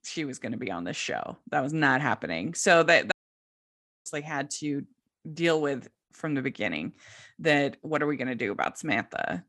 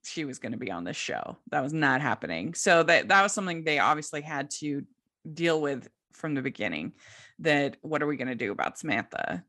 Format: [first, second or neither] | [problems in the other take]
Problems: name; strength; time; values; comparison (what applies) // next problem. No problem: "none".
second | audio cutting out; at 3 s for 1 s